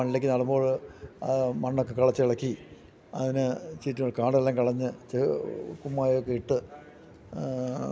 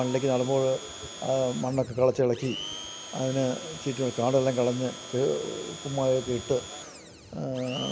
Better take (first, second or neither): first